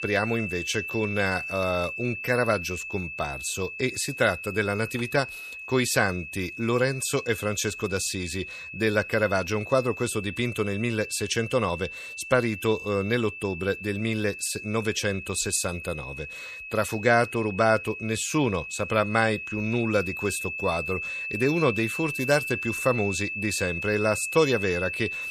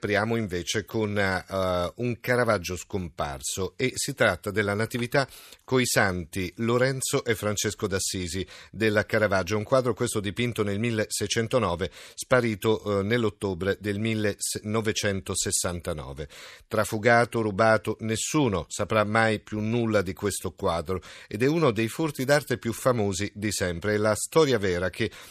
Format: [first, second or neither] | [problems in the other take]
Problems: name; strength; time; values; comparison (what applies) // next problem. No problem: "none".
second | high-pitched whine; loud; throughout; 2.5 kHz, 7 dB below the speech